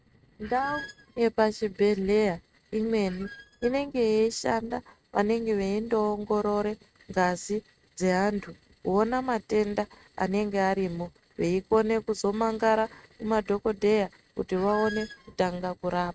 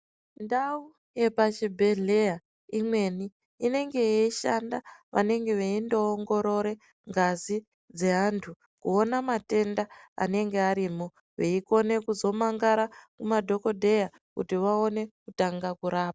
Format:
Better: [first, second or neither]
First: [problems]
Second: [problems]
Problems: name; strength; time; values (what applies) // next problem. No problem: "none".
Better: second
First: noise reduction (neural mask model RNNoise)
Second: none